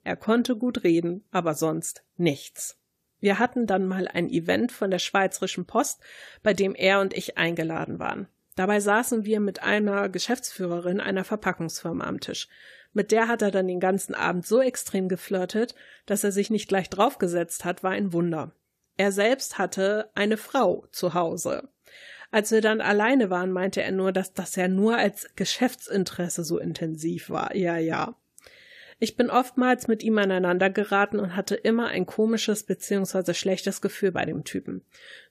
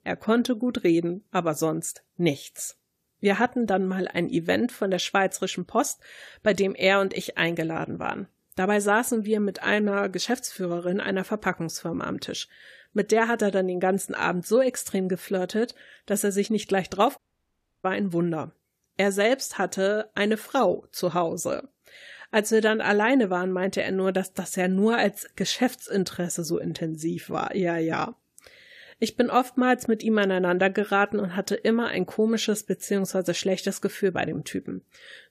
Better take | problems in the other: first | audio cutting out; at 17 s for 0.5 s

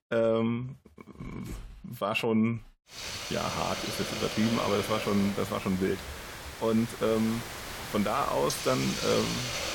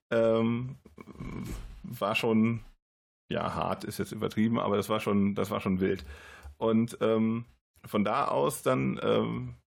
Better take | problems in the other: second | hiss; loud; from 3 s on; 6 dB below the speech

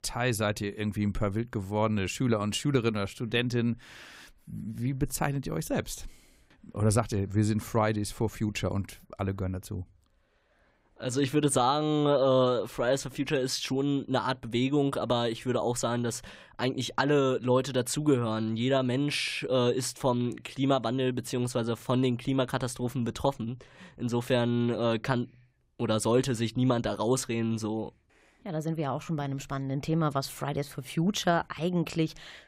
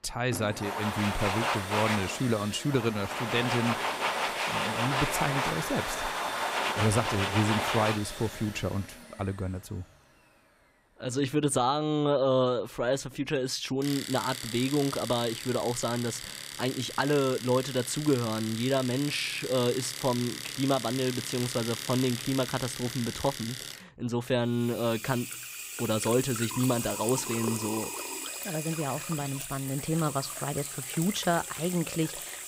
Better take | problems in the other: first | household noises; loud; throughout; 4 dB below the speech

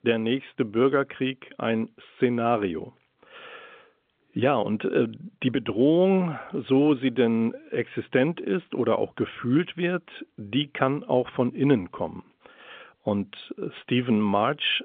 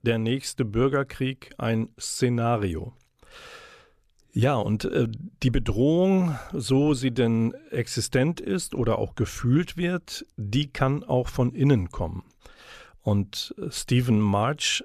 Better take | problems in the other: second | phone-call audio; nothing above 3.5 kHz

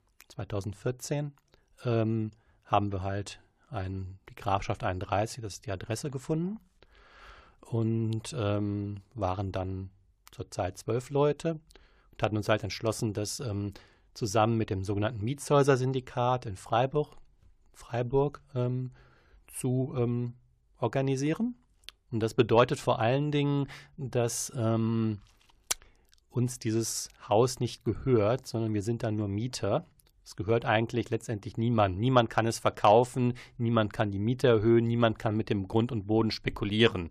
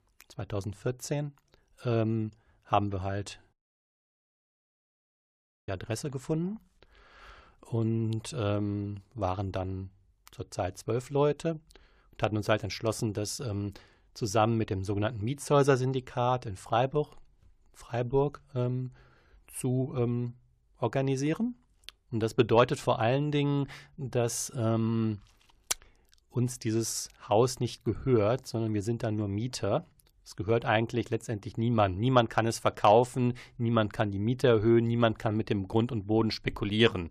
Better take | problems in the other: first | audio cutting out; at 3.5 s for 2 s

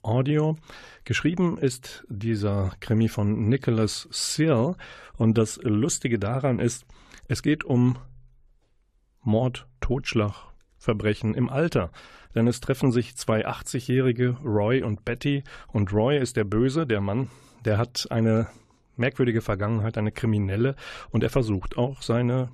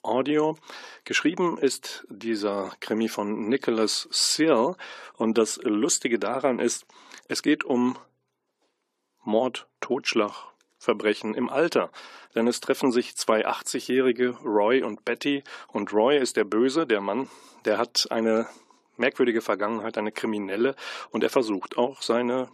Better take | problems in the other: first | thin; somewhat; fading below 250 Hz

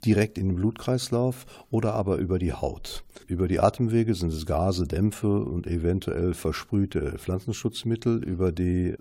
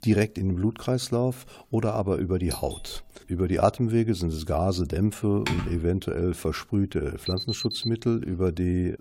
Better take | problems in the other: first | doorbell; faint; at 2.5 s; peak 10 dB below the speech // keyboard typing; noticeable; at 5.5 s; peak 4 dB below the speech // alarm; noticeable; at 7.5 s; peak 5 dB below the speech

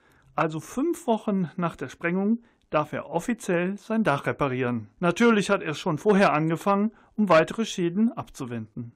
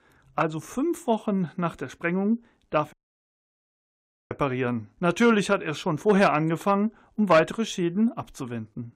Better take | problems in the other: first | audio cutting out; at 3 s for 1.5 s

